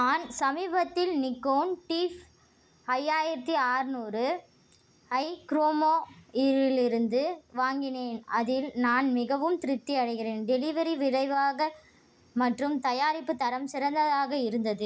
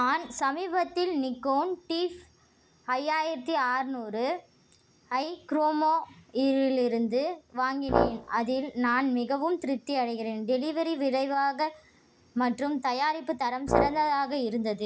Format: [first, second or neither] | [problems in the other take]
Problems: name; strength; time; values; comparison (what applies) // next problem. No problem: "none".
first | background sound (Brass instrument); 1 dB below the speech